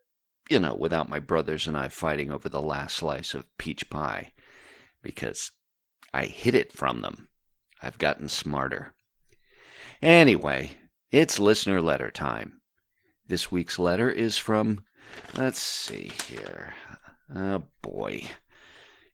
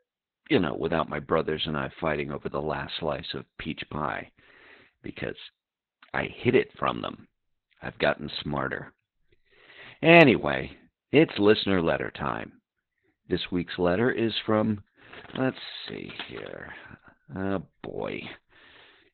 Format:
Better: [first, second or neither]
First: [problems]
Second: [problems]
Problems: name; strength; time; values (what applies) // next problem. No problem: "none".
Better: first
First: garbled, watery; slightly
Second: garbled, watery; badly; nothing above 4 kHz